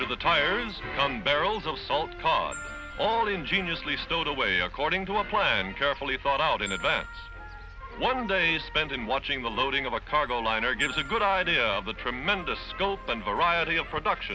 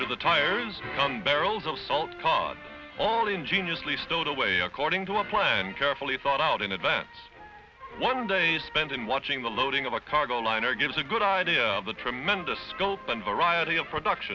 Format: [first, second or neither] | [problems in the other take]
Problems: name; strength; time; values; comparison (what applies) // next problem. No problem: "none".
second | background sound (Gull, seagull + Glockenspiel); 16 dB below the speech